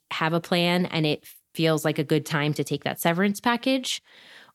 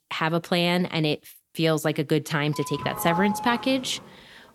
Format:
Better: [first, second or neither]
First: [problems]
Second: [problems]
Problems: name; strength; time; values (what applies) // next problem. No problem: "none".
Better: first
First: none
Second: doorbell; noticeable; from 2.5 s on; peak 5 dB below the speech